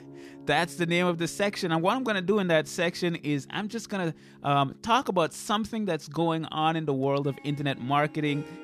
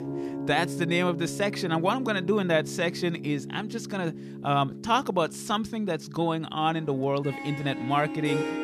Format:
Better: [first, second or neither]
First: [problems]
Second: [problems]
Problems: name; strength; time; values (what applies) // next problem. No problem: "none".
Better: first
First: background music; faint; throughout; 25 dB below the speech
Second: background music; loud; throughout; 9 dB below the speech